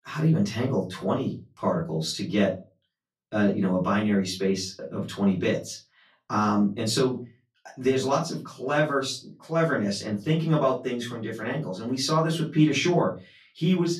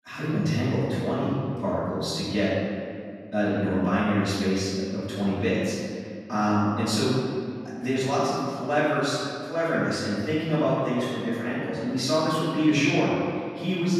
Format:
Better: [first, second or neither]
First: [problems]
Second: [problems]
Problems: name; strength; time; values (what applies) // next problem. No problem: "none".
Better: first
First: room echo; slight; dies away in 0.3 s // off-mic speech; far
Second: room echo; strong; dies away in 2 s // off-mic speech; far